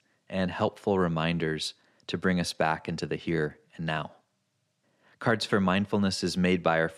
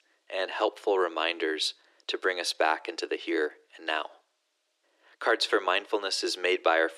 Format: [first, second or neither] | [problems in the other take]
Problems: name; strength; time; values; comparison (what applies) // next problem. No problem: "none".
first | thin; very; fading below 300 Hz